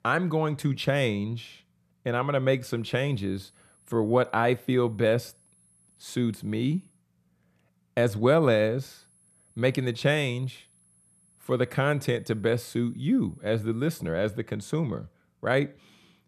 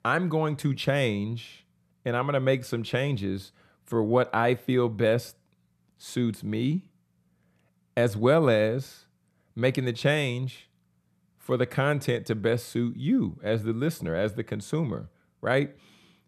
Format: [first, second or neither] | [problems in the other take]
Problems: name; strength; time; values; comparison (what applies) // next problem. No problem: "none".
second | high-pitched whine; faint; from 3 to 7 s and from 9 to 14 s; 10.5 kHz, 35 dB below the speech